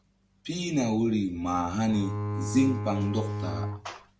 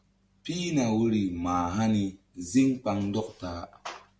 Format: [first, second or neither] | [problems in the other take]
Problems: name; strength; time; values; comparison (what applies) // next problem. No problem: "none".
second | background sound (Bowed string instrument); 3 dB below the speech